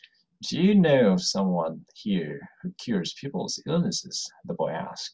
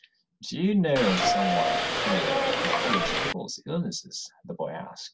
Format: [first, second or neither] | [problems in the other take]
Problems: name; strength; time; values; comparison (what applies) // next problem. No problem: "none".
first | background sound (Subway, metro, underground / Doorbell); 4 dB above the speech